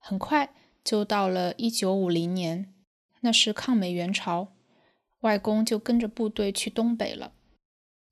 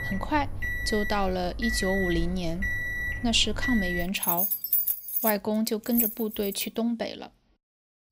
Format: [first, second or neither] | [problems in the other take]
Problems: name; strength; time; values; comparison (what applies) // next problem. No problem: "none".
first | household noises; loud; until 6.5 s; as loud as the speech